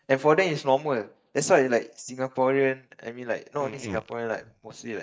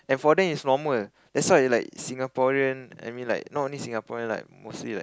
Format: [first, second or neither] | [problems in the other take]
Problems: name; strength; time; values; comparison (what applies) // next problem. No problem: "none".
second | noise reduction (neural mask model DeepFilterNet 3)